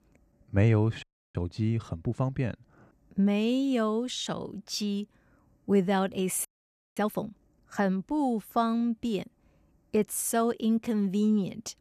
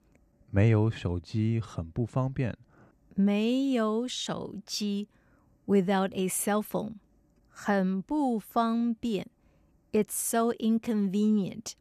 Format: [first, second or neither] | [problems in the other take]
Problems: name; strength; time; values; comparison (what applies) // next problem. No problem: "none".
second | audio freezing; at 1 s and at 6.5 s for 0.5 s